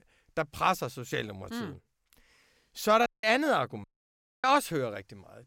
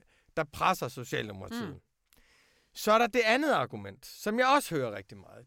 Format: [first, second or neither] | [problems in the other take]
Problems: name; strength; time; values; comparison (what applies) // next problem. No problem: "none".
second | audio cutting out; at 3 s and at 4 s for 0.5 s